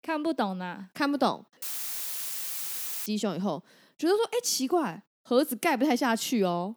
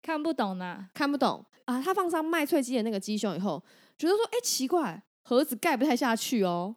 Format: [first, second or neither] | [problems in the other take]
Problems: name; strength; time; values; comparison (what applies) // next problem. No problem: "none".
second | audio cutting out; filled with static; at 1.5 s for 1.5 s